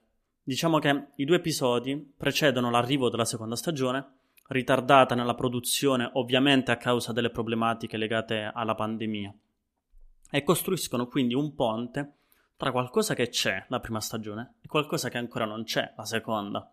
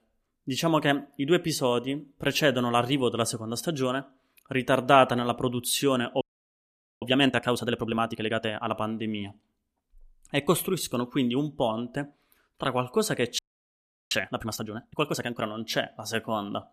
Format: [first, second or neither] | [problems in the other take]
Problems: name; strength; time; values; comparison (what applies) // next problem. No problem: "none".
first | audio freezing; at 6 s for 1 s and at 13 s for 0.5 s